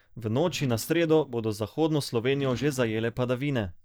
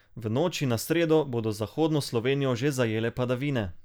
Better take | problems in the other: second | noise reduction (neural mask model DeepFilterNet 3)

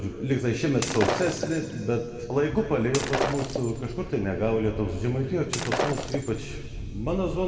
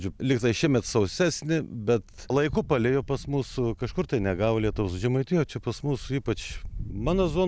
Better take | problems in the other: second | background sound (Shatter); 5 dB below the speech // room echo; dies away in 2.1 s

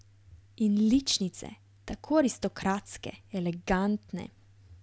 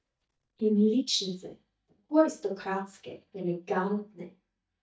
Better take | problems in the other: first | noise reduction (neural mask model DeepFilterNet 3)

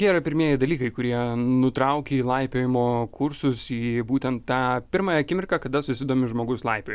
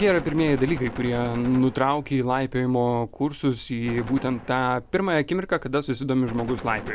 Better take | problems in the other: first | background sound (Gunshot, gunfire); 16 dB below the speech

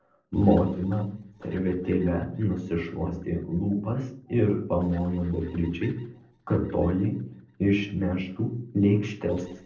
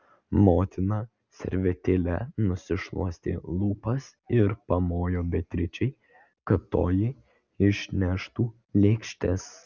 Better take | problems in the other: second | noise reduction (neural separator model SepFormer DNS4)

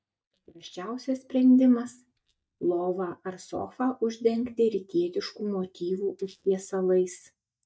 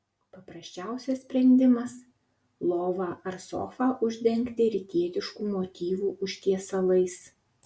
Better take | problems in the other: second | noise reduction (neural mask model DeepFilterNet 3)

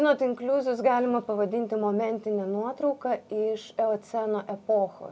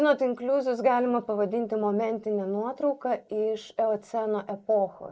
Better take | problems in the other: first | noise reduction (neural mask model Resemble Enhance denoiser)

